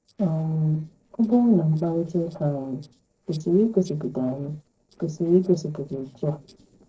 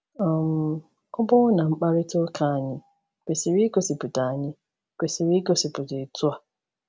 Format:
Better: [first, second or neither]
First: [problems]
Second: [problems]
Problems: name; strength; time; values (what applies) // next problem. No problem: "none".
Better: second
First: noise reduction (neural separator model SepFormer DNS4)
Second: none